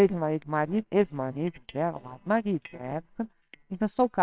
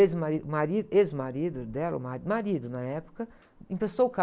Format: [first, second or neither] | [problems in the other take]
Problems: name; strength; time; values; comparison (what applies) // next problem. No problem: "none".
second | noise reduction (neural separator model SepFormer WHAMR!)